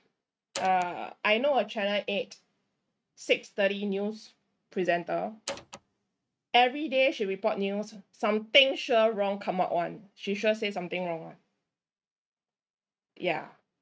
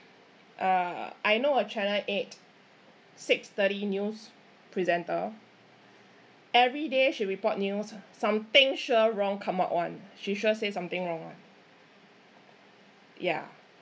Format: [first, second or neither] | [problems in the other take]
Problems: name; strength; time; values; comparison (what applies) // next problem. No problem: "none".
second | noise reduction (neural mask model RNNoise)